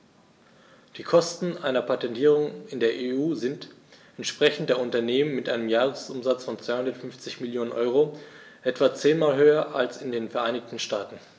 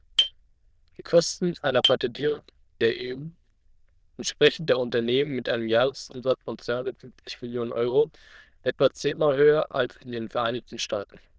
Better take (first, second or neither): first